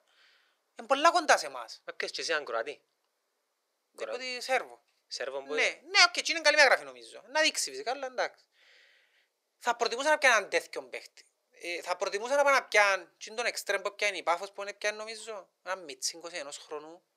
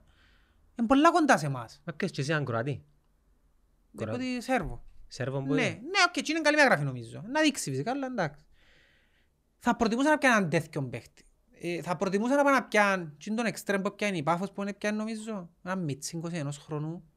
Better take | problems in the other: second | thin; very; fading below 450 Hz

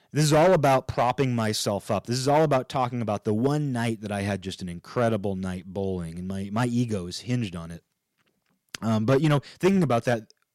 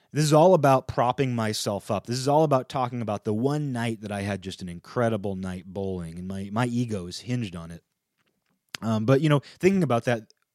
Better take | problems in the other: second | distortion; slight; 3% of the sound clipped

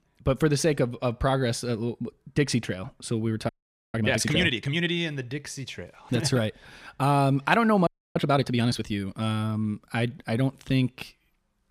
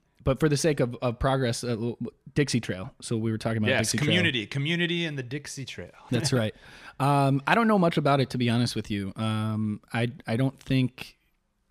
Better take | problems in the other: second | audio freezing; at 3.5 s and at 8 s

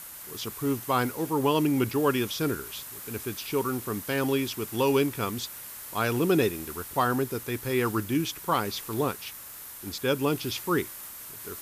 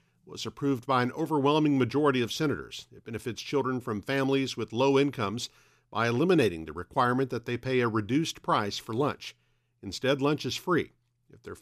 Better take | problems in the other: second | hiss; noticeable; throughout; 10 dB below the speech

